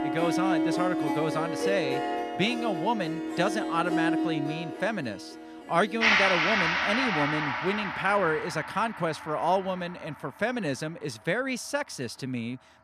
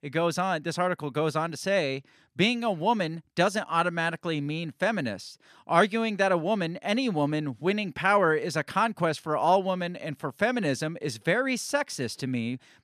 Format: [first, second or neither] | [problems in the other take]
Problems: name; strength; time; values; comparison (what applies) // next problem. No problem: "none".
second | background music; very loud; throughout; 2 dB above the speech